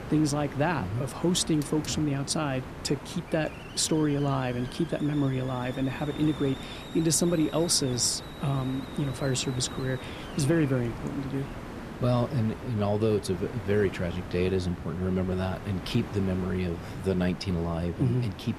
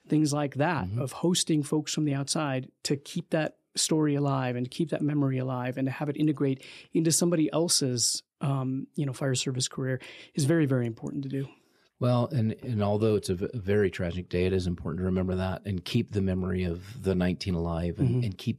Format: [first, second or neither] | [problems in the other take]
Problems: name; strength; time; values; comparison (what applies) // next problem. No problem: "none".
second | hiss; noticeable; throughout; 10 dB below the speech